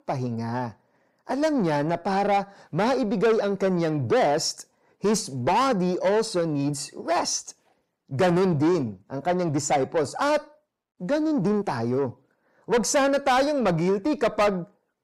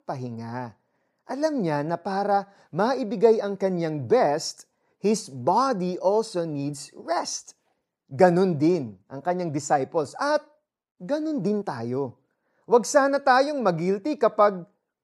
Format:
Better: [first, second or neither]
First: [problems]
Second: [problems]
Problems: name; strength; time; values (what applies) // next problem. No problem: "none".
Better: second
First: distortion; heavy; 7 dB below the speech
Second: none